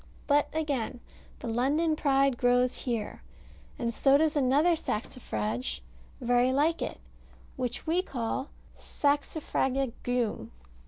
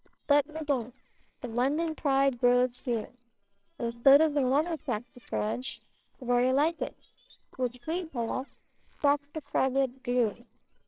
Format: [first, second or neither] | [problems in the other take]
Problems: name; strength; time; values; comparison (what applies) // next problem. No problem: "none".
first | noise reduction (neural separator model SepFormer WHAMR!)